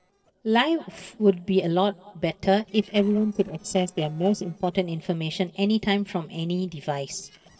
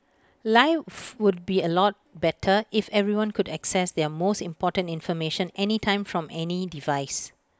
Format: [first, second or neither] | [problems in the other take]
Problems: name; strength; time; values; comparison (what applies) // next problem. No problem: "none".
second | noise reduction (neural separator model SepFormer DNS4)